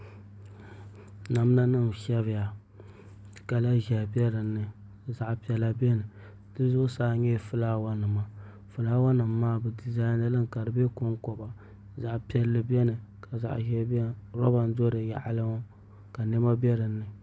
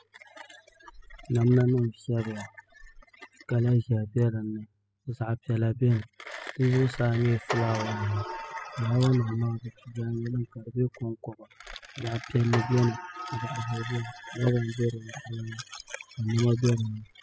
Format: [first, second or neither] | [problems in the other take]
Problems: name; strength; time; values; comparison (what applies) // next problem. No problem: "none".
first | noise reduction (classical method spectral subtraction)